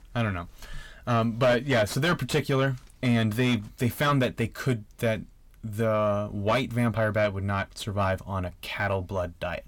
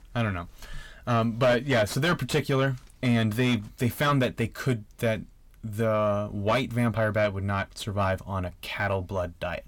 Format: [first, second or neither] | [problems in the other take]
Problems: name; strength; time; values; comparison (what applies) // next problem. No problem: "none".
neither | distortion; heavy; 7 dB below the speech; the same in both